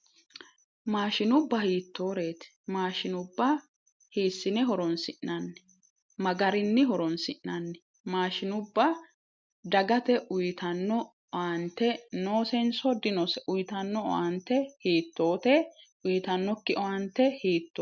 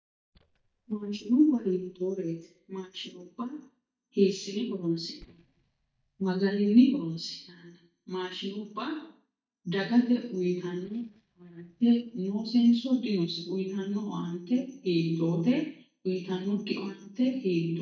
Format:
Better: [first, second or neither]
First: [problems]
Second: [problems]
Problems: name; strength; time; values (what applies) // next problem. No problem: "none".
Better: first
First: none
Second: noise reduction (neural mask model DeepFilterNet 3)